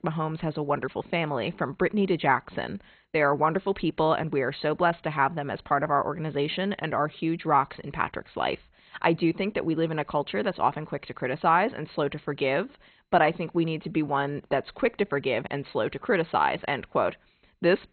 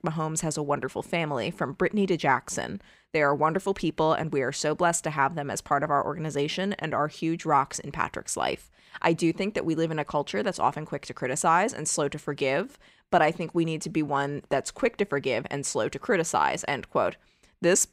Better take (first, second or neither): second